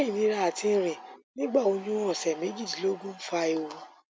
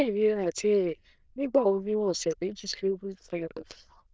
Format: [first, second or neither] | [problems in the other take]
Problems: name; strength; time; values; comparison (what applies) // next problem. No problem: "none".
first | noise reduction (neural diffusion model UNIVERSE++)